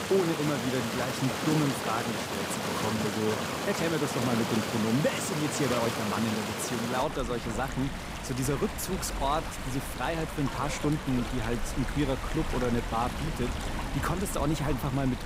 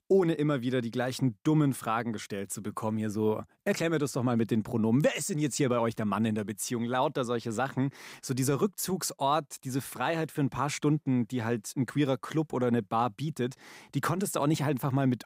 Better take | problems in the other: second | rain or running water; loud; throughout; 2 dB below the speech

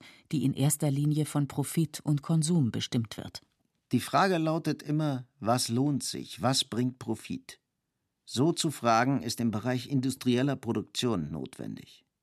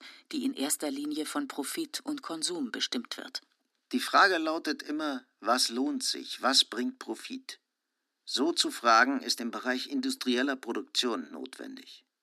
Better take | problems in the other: first | thin; somewhat; fading below 250 Hz

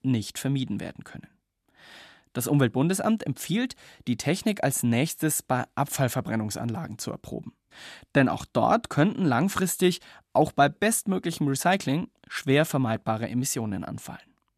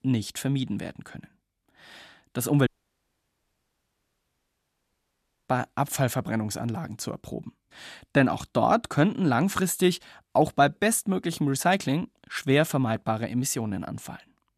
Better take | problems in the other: first | audio cutting out; at 2.5 s for 3 s

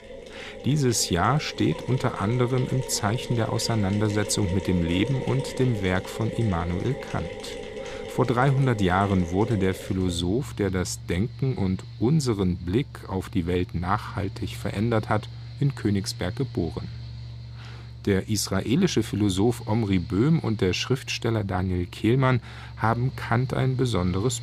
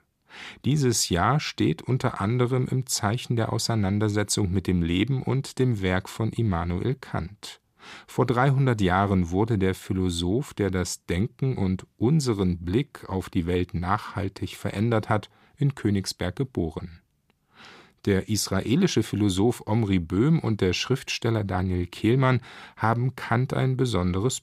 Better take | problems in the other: second | machinery noise; noticeable; throughout; 15 dB below the speech

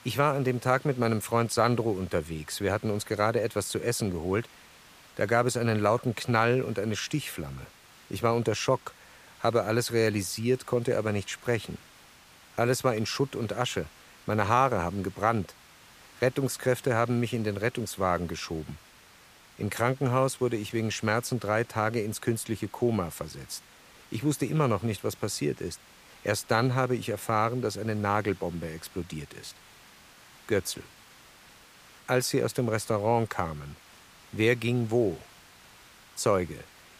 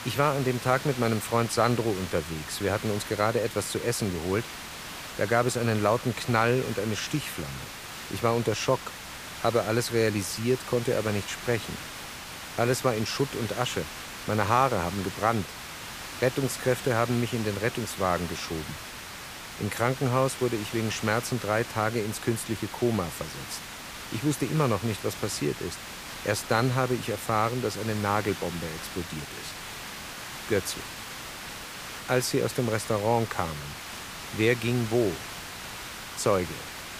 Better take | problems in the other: first | hiss; loud; throughout; 10 dB below the speech; faint in the first

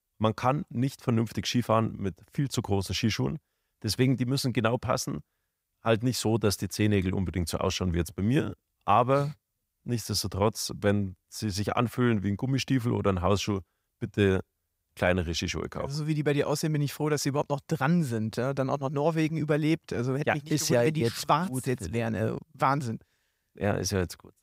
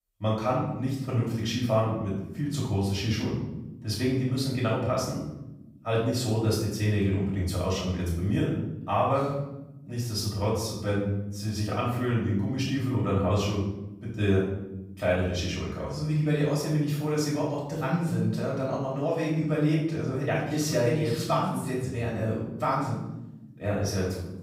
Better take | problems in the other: first | off-mic speech; far // room echo; noticeable; dies away in 0.9 s

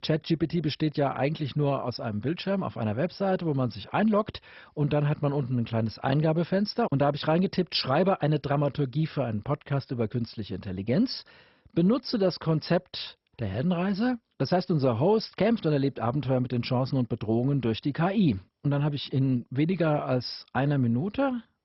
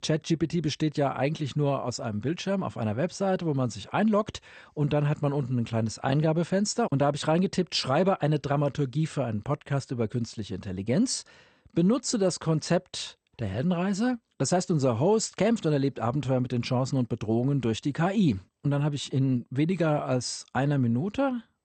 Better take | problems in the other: second | garbled, watery; badly; nothing above 5.5 kHz; slightly in the second

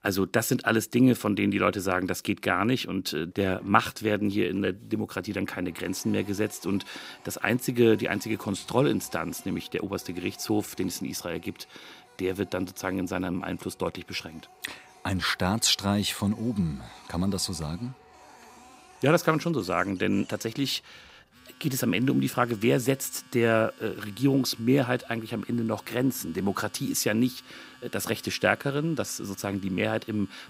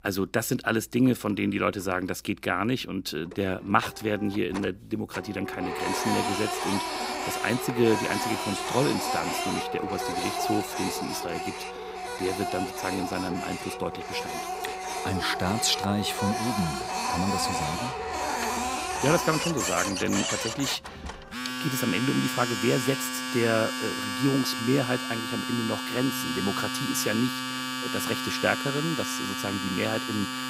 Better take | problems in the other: first | household noises; loud; throughout; 2 dB below the speech; faint in the first

